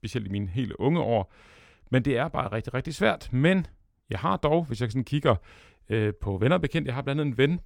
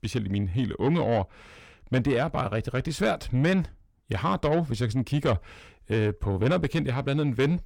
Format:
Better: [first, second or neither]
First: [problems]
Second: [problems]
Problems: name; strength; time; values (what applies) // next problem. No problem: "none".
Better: first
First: none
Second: distortion; slight; 10 dB below the speech